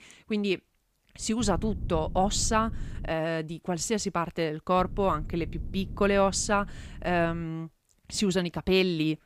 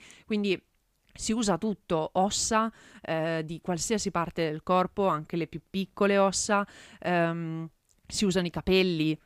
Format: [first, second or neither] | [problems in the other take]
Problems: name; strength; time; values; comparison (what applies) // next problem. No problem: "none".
second | low rumble; faint; from 1.5 to 3 s and from 5 to 7.5 s; 25 dB below the speech